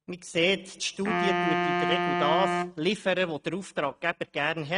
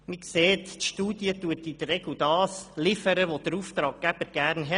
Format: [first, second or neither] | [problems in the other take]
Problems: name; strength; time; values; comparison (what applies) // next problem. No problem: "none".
second | noise reduction (neural mask model RNNoise)